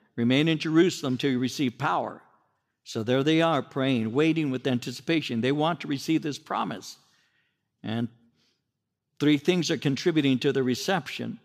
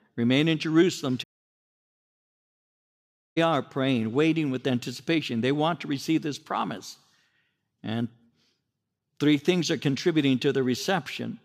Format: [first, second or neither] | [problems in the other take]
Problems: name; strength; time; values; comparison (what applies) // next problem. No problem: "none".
first | audio cutting out; at 1 s for 2 s